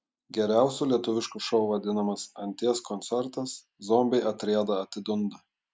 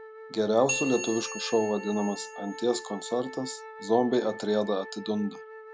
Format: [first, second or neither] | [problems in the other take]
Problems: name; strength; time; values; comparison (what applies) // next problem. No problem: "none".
first | background sound (Wind instrument, woodwind instrument + Bell); 11 dB below the speech